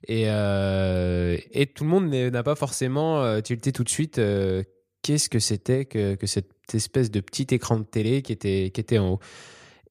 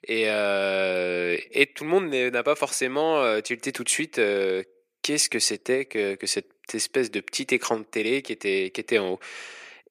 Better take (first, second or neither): first